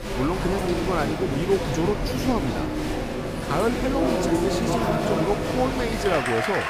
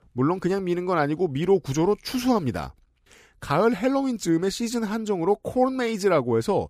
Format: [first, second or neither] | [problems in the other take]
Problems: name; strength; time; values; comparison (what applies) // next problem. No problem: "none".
second | crowd noise; very loud; throughout; as loud as the speech